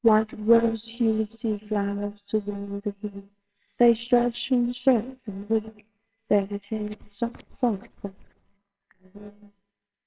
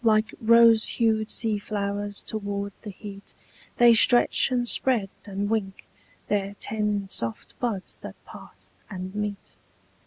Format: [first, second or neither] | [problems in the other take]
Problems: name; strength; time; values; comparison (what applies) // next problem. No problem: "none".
second | noise reduction (neural separator model SepFormer WHAMR!)